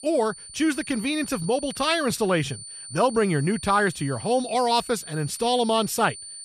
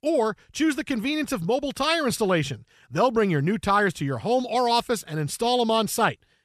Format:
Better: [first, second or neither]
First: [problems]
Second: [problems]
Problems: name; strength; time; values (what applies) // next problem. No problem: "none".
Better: second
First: high-pitched whine; noticeable; throughout; 9 kHz, 15 dB below the speech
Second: none